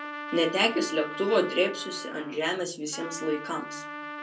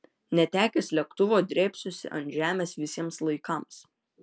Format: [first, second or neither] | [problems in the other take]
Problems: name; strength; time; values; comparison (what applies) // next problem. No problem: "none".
second | background sound (Trumpet); 10 dB below the speech // room echo; dies away in 0.2 s